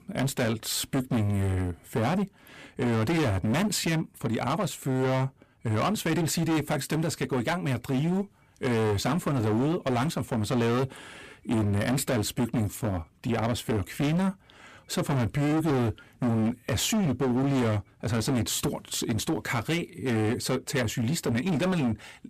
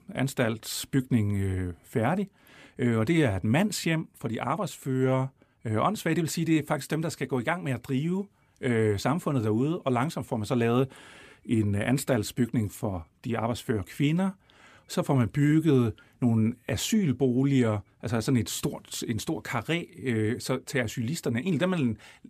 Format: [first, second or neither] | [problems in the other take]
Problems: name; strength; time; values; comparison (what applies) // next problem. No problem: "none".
second | distortion; heavy; 21% of the sound clipped